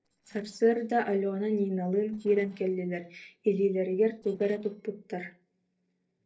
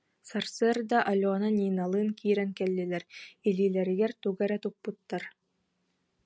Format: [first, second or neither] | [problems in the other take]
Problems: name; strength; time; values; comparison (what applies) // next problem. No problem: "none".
second | noise reduction (neural separator model SepFormer DNS4)